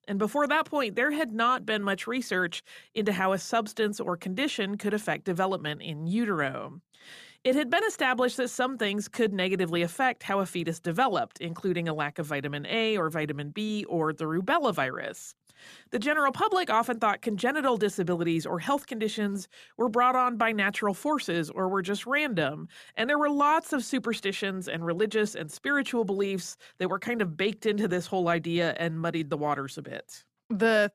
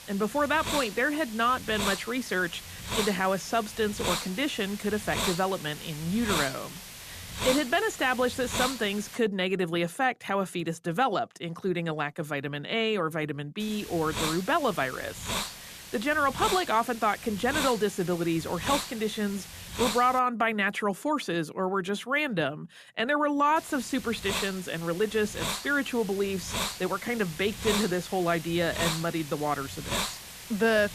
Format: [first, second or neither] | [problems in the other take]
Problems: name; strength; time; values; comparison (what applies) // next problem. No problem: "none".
first | hiss; loud; until 9 s, from 14 to 20 s and from 24 s on; 6 dB below the speech